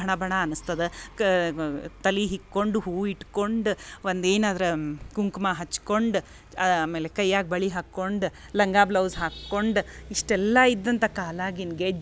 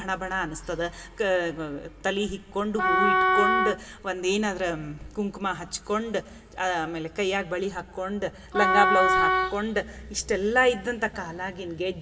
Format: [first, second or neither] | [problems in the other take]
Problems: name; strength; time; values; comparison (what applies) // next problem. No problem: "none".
first | background sound (Wind instrument, woodwind instrument); 3 dB above the speech // room echo; dies away in 1.2 s